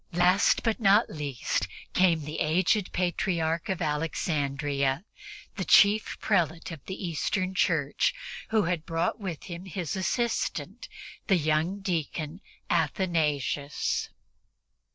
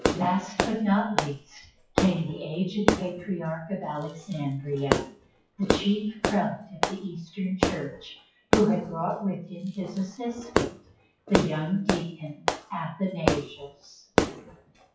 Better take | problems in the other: first | noise reduction (classical method WPE with log-MMSE)

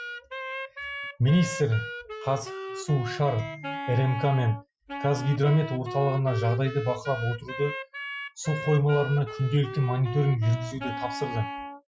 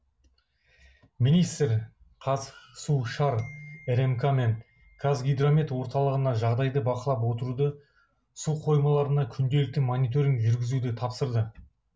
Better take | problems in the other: second | noise reduction (classical method Wiener filter)

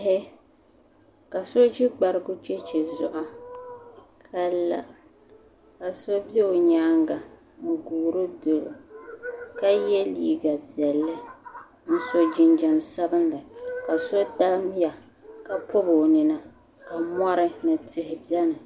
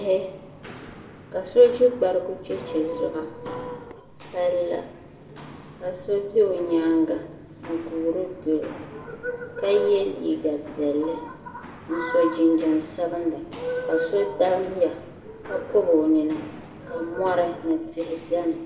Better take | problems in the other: first | background sound (Walk, footsteps); 18 dB below the speech // room echo; dies away in 0.8 s

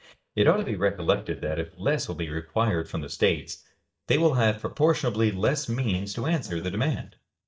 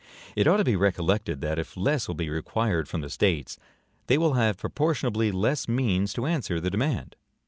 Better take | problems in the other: second | noise reduction (neural mask model DeepFilterNet 3)

